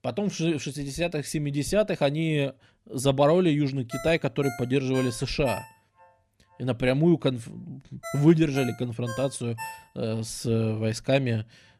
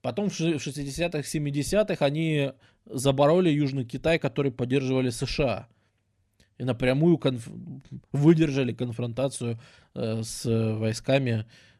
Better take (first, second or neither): second